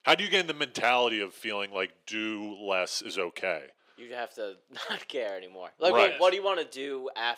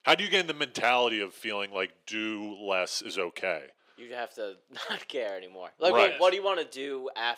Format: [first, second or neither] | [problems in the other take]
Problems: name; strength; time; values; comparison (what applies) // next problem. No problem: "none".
neither | thin; very; fading below 400 Hz; the same in both